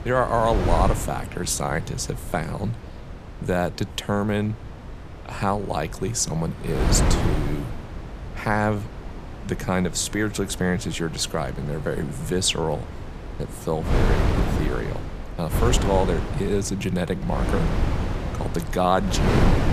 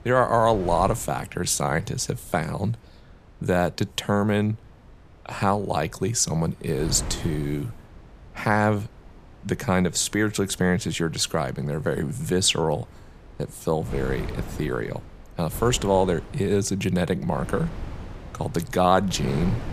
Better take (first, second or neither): second